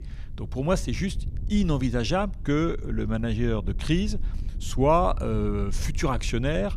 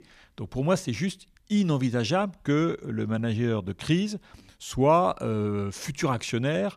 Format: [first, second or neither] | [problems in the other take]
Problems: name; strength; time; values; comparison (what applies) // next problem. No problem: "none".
second | wind noise on the microphone; occasional gusts; 25 dB below the speech